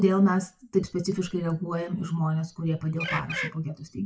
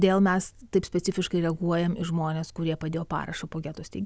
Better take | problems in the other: second | noise reduction (classical method WPE with log-MMSE)

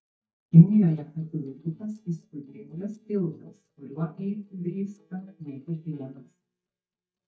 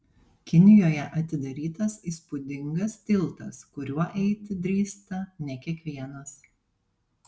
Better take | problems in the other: second | noise reduction (neural mask model DeepFilterNet 3)

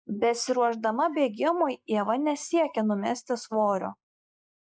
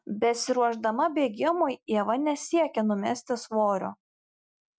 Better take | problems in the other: second | noise reduction (neural mask model Resemble Enhance denoiser)

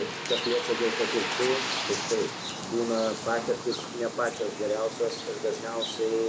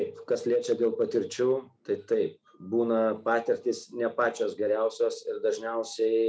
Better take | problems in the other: second | background sound (Bird); 4 dB below the speech

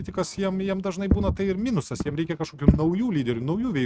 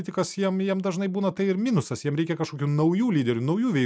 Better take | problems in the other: second | noise reduction (neural mask model RNNoise)

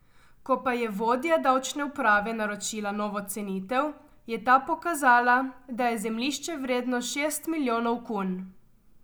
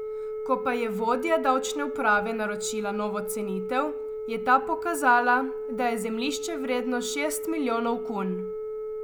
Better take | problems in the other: first | background sound (Telephone); 6 dB below the speech

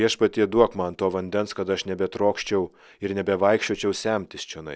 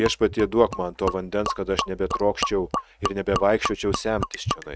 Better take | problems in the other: first | noise reduction (neural mask model RNNoise)

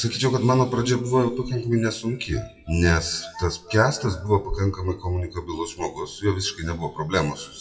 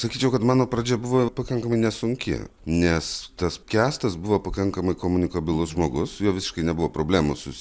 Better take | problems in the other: second | noise reduction (classical method WPE with log-MMSE)

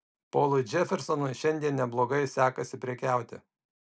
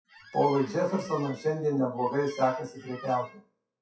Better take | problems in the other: first | noise reduction (classical method WPE with log-MMSE)

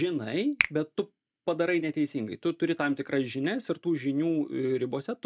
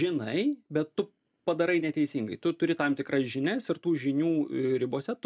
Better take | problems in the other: second | noise reduction (neural mask model DeepFilterNet 3)

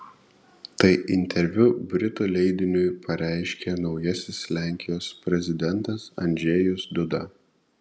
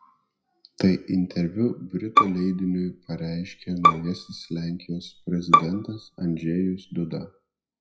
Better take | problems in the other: first | noise reduction (classical method WPE with log-MMSE)

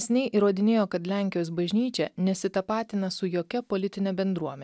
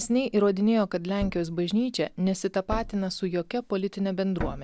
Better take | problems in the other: first | background sound (Thump, thud); 14 dB below the speech

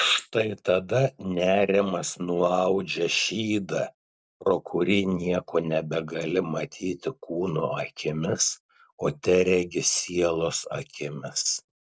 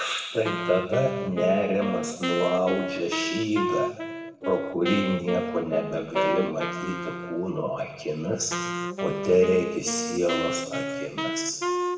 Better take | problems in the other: first | background sound (Wind instrument, woodwind instrument); 4 dB below the speech // room echo; dies away in 1.2 s

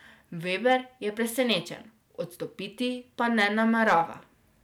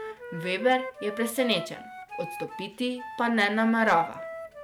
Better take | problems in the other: first | background sound (Wind instrument, woodwind instrument); 11 dB below the speech

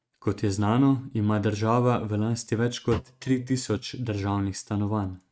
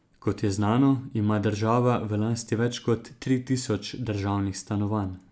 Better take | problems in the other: second | noise reduction (neural mask model RNNoise)

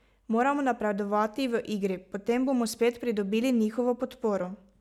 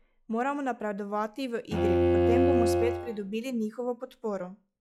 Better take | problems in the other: first | noise reduction (classical method log-MMSE)

